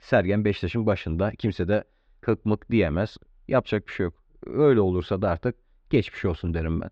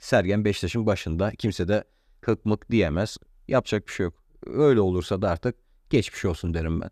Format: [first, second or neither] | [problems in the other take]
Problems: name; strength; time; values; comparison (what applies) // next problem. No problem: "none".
second | muffled; slightly; fading above 3.5 kHz